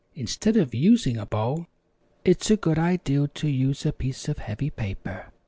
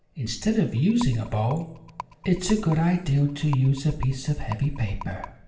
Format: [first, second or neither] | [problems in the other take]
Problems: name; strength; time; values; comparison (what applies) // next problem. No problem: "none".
first | background sound (Rattle); 18 dB below the speech // room echo; dies away in 0.7 s